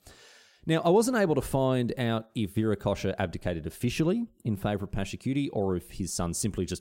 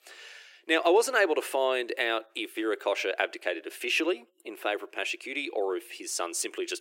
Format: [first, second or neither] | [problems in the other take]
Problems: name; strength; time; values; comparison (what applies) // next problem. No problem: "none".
first | thin; very; fading below 350 Hz